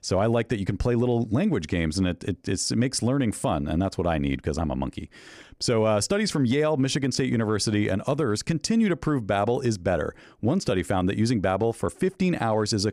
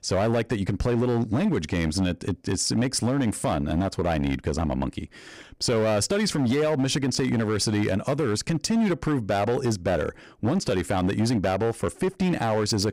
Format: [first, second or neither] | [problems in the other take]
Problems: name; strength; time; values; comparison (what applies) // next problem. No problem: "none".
first | distortion; slight; 13% of the sound clipped